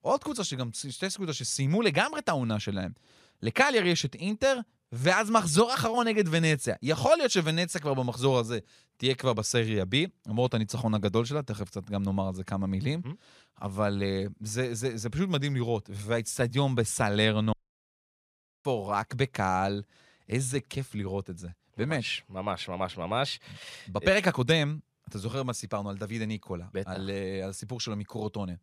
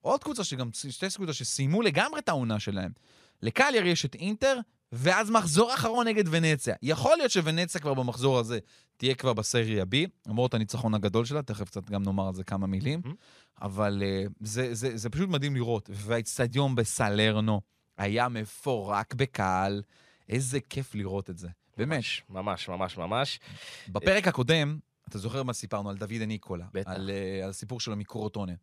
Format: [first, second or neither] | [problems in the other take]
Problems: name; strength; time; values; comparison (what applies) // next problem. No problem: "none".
second | audio cutting out; at 18 s for 1 s